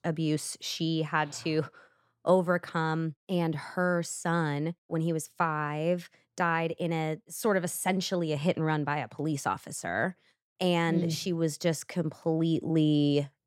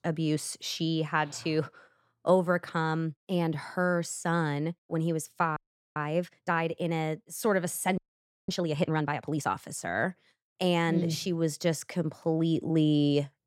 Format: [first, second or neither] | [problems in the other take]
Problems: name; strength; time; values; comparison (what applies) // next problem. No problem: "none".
first | audio freezing; at 5.5 s and at 8 s for 0.5 s